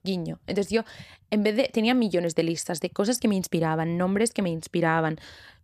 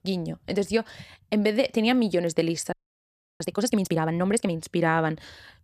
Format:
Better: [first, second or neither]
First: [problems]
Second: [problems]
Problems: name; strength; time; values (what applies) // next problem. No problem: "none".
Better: first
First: none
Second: audio freezing; at 2.5 s for 0.5 s